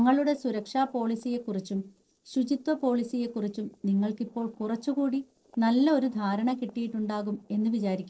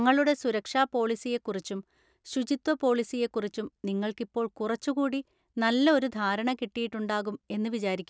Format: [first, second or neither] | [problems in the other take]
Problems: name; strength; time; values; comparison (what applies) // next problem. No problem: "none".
second | noise reduction (neural separator model SepFormer DNS4)